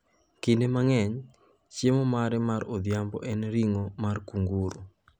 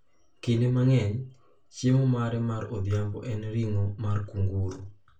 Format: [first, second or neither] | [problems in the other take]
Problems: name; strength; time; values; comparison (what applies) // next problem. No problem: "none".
first | room echo; dies away in 0.3 s